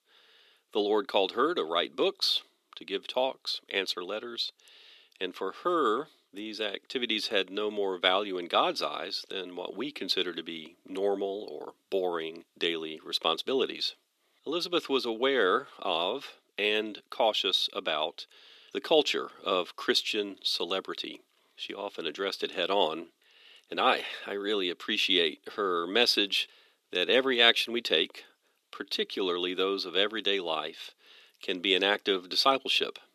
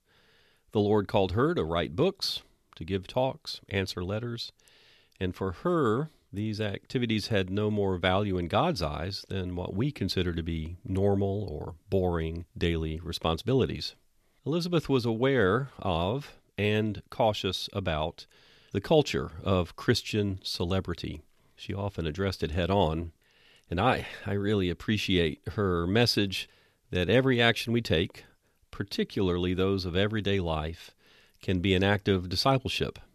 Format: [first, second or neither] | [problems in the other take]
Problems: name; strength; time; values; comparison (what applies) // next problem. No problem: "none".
second | thin; somewhat; fading below 300 Hz